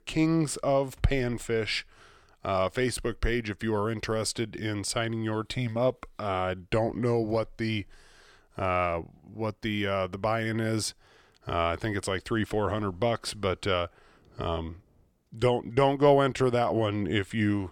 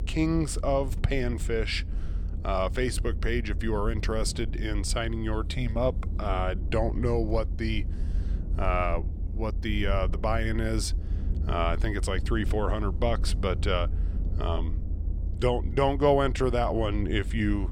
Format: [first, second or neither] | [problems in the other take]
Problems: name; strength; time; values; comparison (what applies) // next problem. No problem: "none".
first | low rumble; noticeable; throughout; 20 dB below the speech